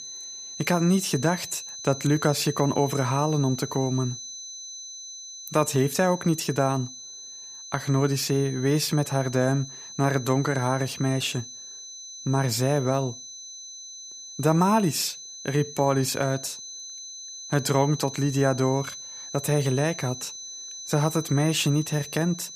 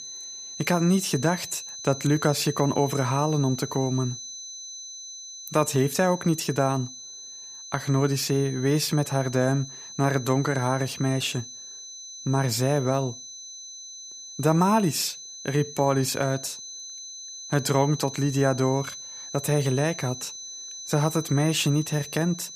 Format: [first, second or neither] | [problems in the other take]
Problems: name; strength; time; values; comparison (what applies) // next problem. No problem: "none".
neither | high-pitched whine; noticeable; throughout; 6 kHz, 10 dB below the speech; the same in both